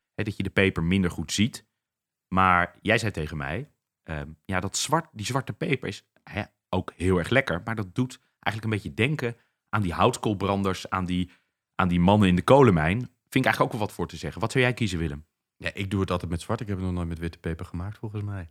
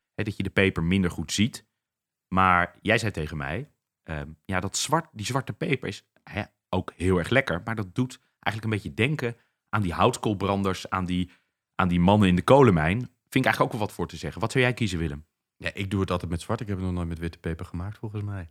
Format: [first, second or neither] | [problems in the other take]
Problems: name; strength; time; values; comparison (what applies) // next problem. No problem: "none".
neither | none